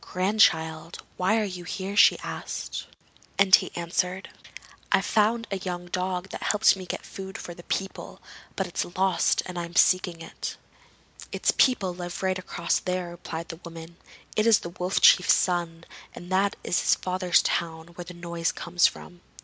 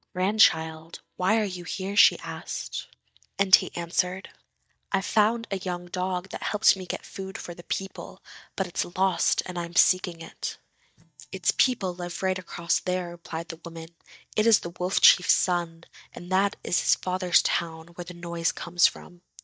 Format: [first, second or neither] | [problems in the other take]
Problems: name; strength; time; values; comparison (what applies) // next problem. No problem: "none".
first | noise reduction (neural mask model DeepFilterNet 3)